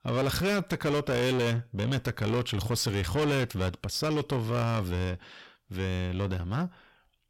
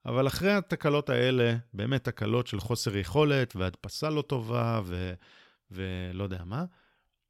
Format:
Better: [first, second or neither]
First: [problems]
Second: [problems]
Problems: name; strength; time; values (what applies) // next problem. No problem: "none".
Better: second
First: distortion; heavy; 7 dB below the speech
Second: none